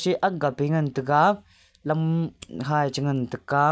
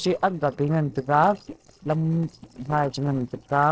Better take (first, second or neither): first